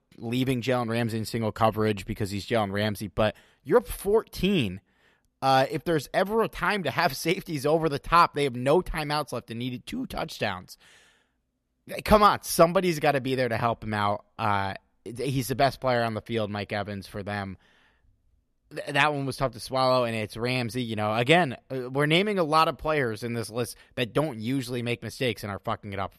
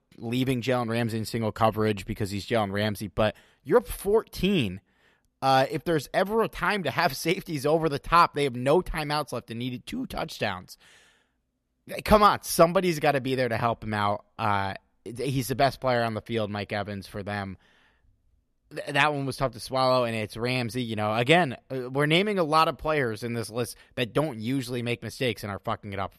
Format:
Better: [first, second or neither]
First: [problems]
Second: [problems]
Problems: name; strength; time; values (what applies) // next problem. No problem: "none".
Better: neither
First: none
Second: none